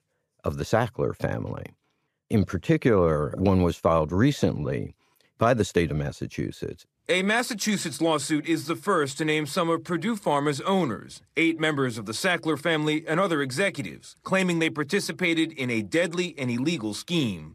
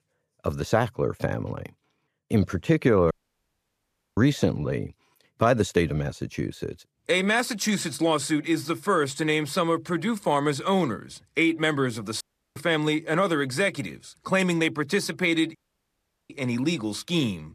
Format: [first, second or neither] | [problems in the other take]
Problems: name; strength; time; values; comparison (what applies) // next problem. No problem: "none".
first | audio cutting out; at 3 s for 1 s, at 12 s and at 16 s for 1 s